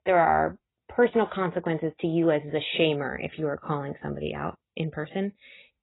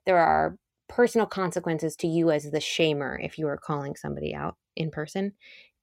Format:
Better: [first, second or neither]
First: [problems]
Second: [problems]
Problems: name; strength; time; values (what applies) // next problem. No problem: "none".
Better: second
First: garbled, watery; badly; nothing above 4 kHz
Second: none